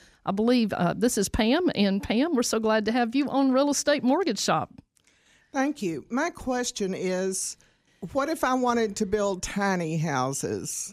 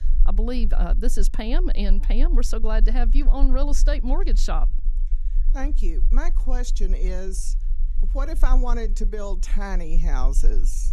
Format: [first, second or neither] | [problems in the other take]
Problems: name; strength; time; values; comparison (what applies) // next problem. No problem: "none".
first | low rumble; noticeable; throughout; 20 dB below the speech